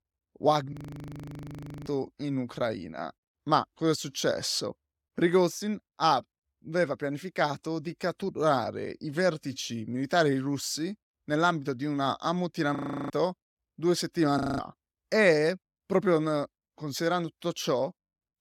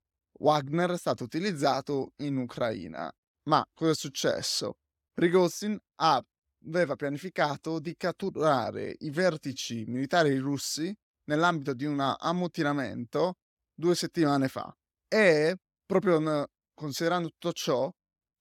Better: second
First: audio freezing; at 0.5 s for 1 s, at 13 s and at 14 s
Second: none

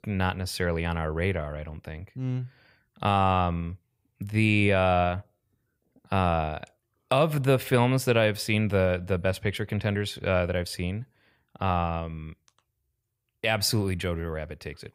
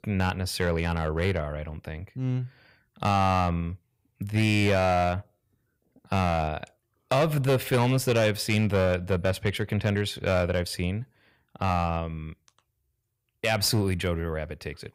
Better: first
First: none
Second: distortion; slight; 5% of the sound clipped

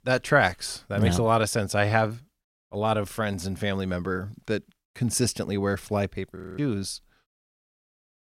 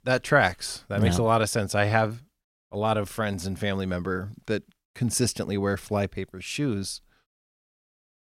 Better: second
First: audio freezing; at 6.5 s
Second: none

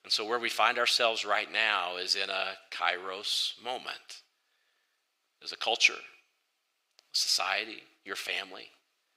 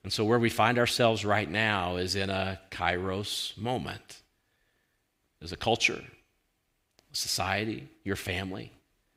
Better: second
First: thin; very; fading below 600 Hz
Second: none

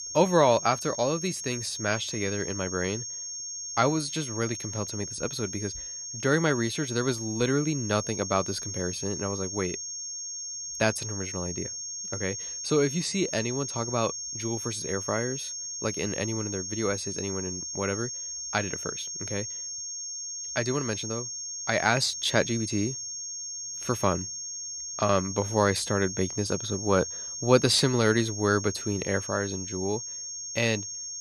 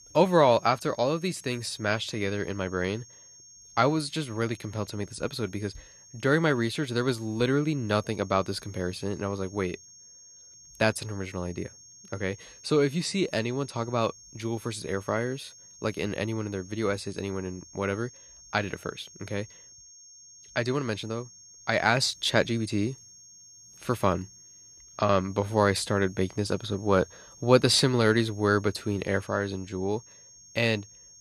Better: second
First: high-pitched whine; loud; throughout; 6.5 kHz, 5 dB below the speech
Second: high-pitched whine; faint; throughout; 6.5 kHz, 20 dB below the speech

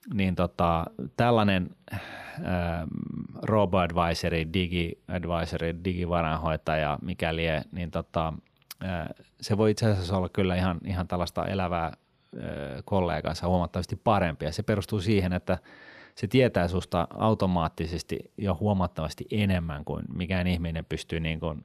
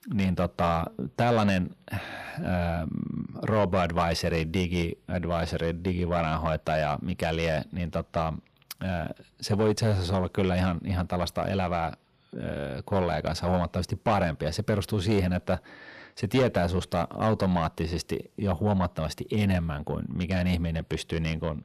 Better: first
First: none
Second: distortion; slight; 10 dB below the speech

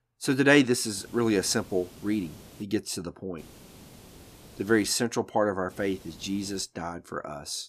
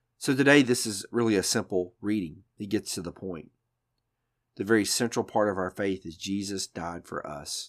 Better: second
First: hiss; faint; from 1 to 2.5 s, from 3.5 to 5 s and at 5.5 s; 20 dB below the speech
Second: none

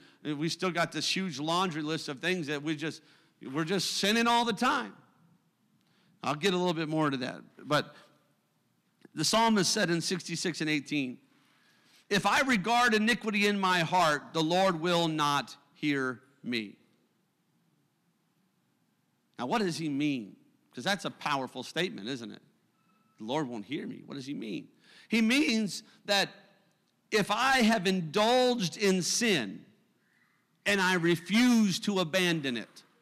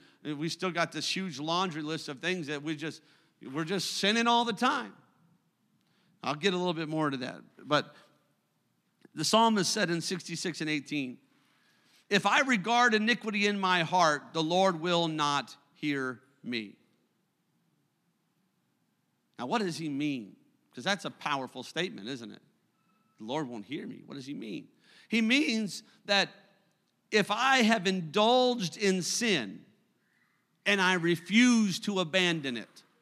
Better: second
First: distortion; slight; 3% of the sound clipped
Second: none

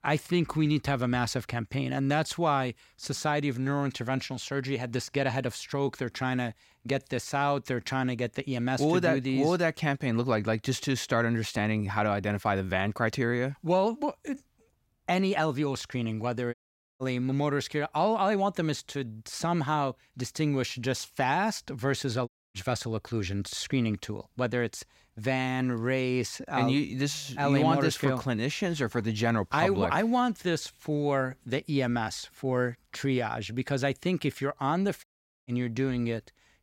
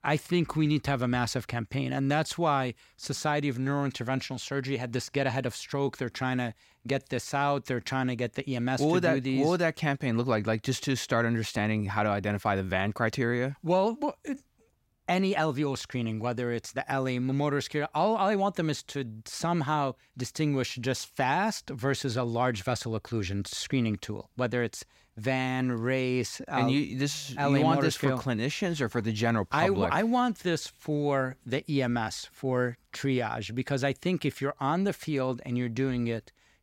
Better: second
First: audio cutting out; at 17 s, at 22 s and at 35 s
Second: none

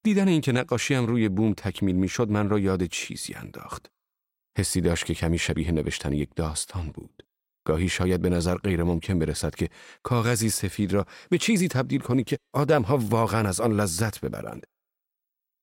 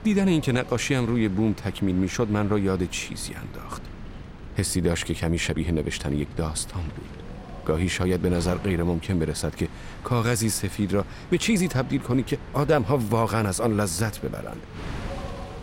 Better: first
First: none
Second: wind noise on the microphone; occasional gusts; 15 dB below the speech

